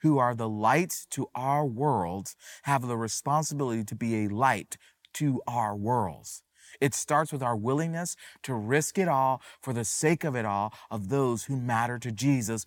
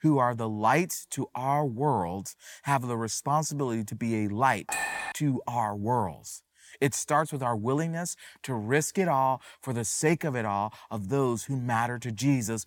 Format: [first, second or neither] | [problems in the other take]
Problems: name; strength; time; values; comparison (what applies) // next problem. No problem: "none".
first | clattering dishes; noticeable; at 4.5 s; peak 2 dB below the speech